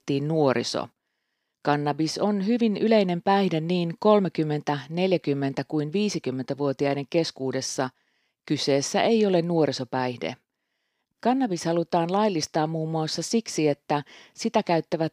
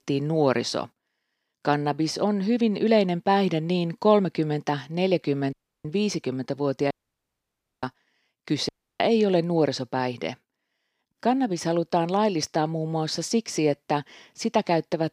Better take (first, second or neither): first